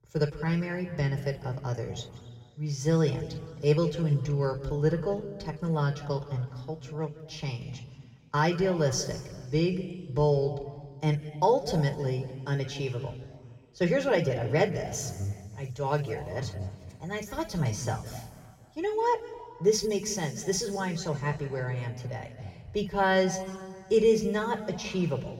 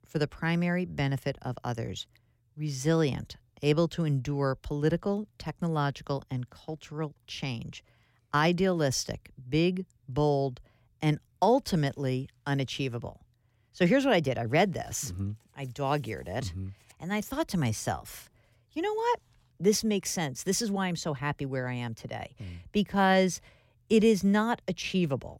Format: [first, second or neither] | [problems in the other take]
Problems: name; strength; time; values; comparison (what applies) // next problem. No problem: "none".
second | room echo; slight; dies away in 1.6 s // off-mic speech; somewhat distant